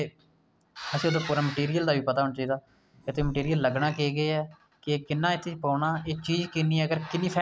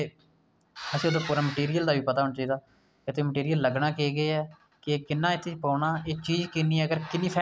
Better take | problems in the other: second | background sound (Burping, eructation); 13 dB below the speech

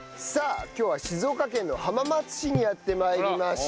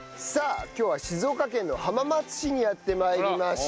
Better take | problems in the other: second | background sound (Hi-hat); 12 dB below the speech

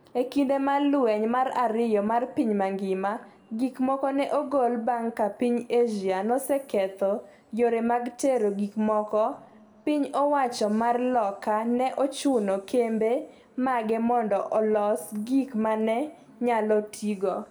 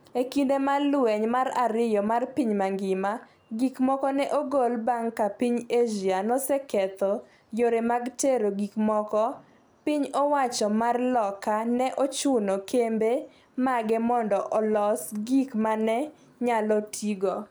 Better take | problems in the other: second | room echo; dies away in 1.4 s

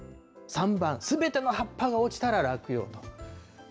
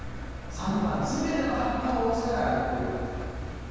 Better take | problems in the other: first | background sound (Engine); 8 dB below the speech // room echo; dies away in 2.1 s

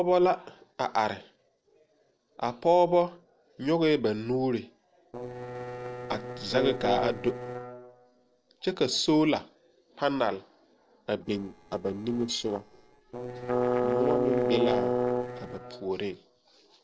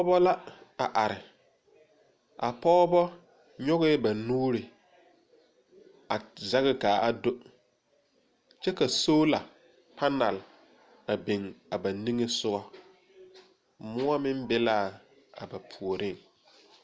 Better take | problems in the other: second | noise reduction (neural separator model SepFormer DNS4)

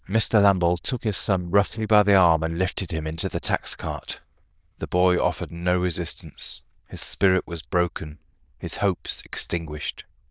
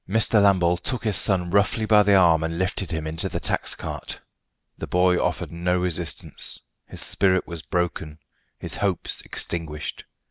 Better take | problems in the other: second | noise reduction (neural diffusion model UNIVERSE++)

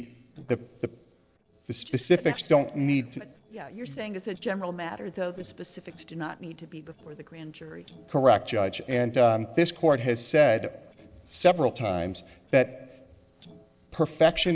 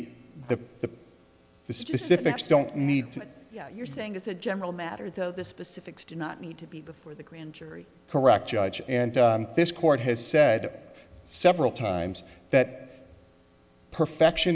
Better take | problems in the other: second | noise reduction (neural separator model SepFormer DNS4)

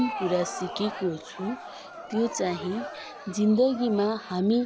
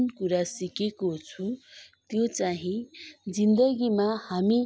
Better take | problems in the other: second | background sound (Crowd); 11 dB below the speech

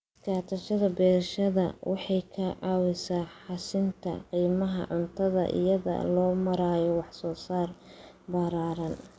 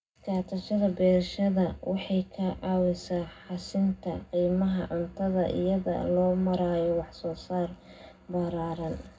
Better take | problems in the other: first | room echo; dies away in 0.3 s

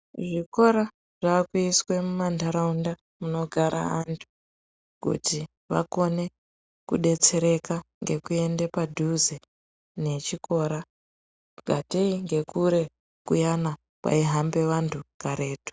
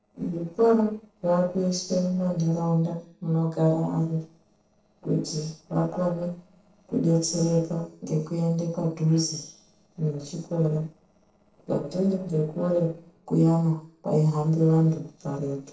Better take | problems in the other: first | noise reduction (neural separator model SepFormer DNS4)

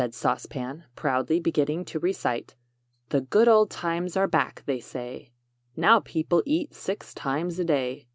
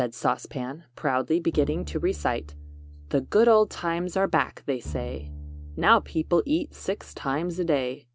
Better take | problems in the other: first | background sound (Bowed string instrument); 13 dB below the speech

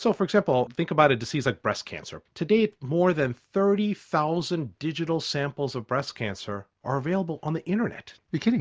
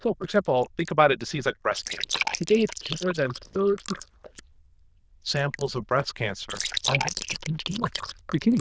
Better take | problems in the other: first | noise reduction (neural diffusion model UNIVERSE++)

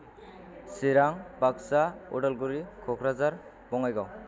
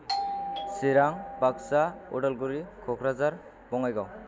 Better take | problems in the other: first | background sound (Doorbell); 7 dB below the speech

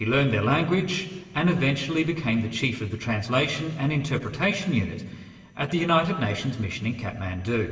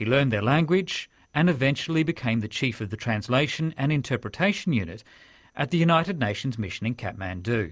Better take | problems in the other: second | room echo; dies away in 2.3 s

